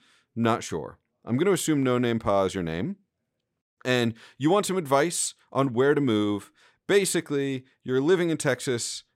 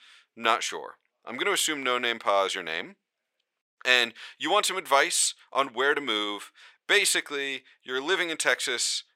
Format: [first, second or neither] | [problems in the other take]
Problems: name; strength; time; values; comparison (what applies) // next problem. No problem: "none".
first | thin; very; fading below 650 Hz